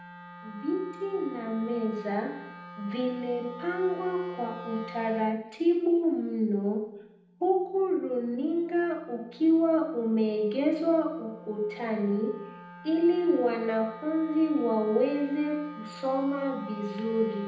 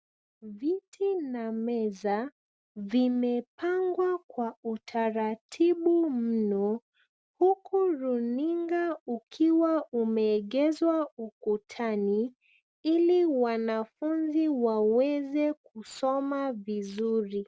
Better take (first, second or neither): second